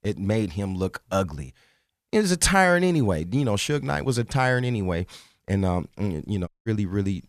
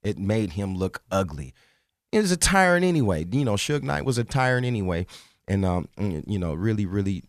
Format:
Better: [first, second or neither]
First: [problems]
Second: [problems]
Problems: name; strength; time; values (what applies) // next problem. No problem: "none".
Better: second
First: audio cutting out; at 6.5 s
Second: none